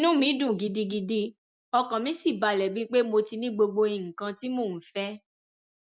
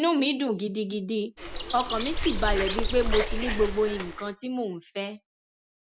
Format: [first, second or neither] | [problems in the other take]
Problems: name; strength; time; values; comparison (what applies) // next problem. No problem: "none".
first | background sound (Bird); 1 dB below the speech